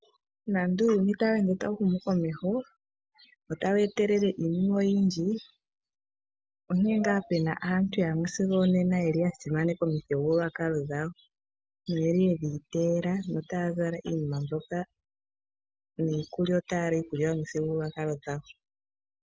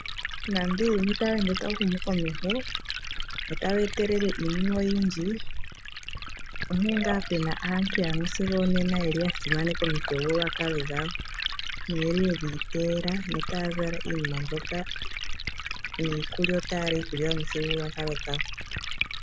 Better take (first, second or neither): first